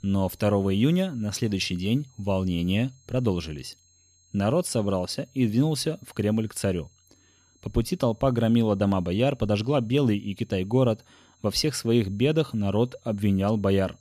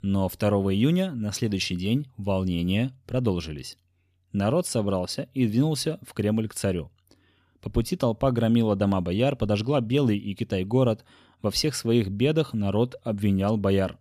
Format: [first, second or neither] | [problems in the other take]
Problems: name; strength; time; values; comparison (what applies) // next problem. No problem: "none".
second | high-pitched whine; faint; throughout; 6.5 kHz, 35 dB below the speech